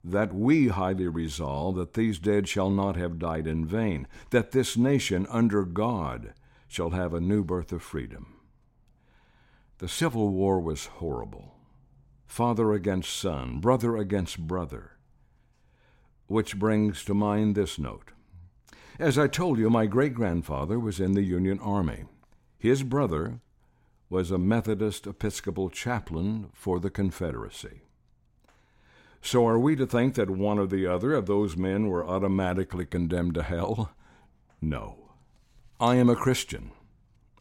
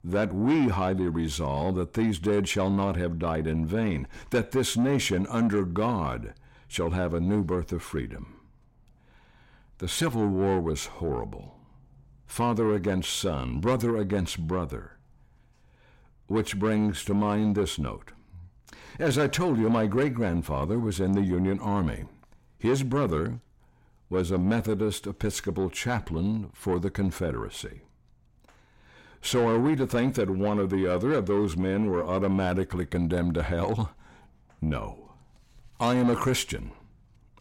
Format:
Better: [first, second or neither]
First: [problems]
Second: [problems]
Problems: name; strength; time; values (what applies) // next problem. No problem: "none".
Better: first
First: none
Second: distortion; slight; 10 dB below the speech